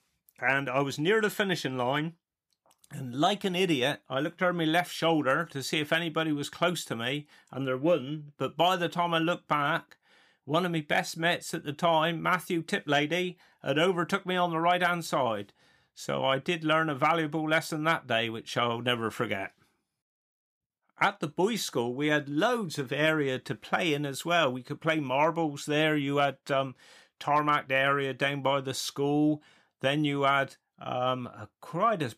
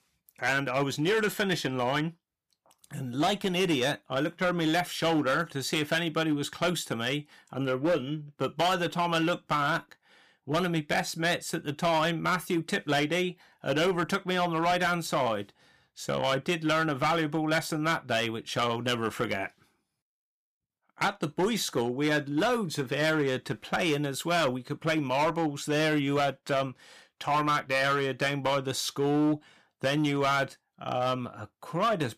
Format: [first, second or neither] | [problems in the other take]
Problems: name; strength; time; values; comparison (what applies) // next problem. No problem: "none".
first | distortion; slight; 8% of the sound clipped